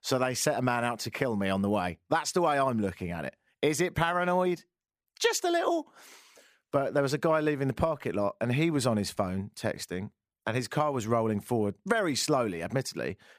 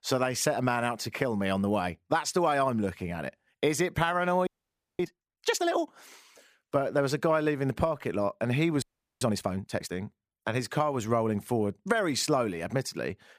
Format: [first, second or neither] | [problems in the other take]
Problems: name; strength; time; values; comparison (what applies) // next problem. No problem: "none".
first | audio freezing; at 4.5 s for 0.5 s and at 9 s